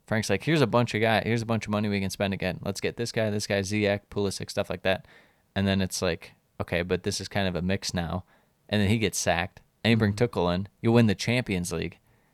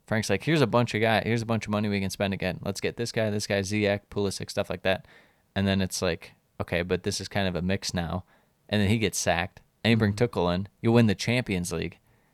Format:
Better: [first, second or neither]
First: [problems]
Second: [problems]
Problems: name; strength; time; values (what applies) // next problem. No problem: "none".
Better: neither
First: none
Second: none